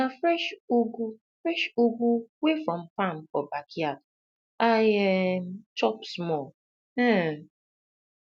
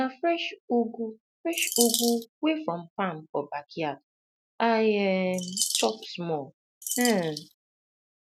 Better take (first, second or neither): first